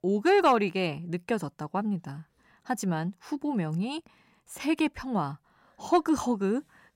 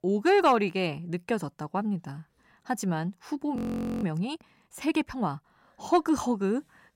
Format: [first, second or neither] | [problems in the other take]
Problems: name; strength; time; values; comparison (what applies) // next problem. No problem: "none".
first | audio freezing; at 3.5 s